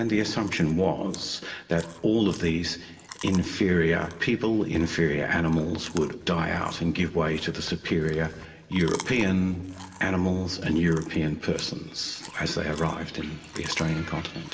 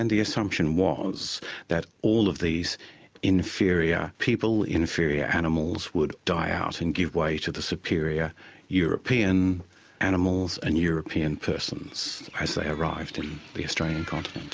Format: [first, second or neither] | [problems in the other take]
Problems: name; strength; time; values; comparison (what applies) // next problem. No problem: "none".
second | background sound (Chewing, mastication); 20 dB below the speech // room echo; dies away in 0.9 s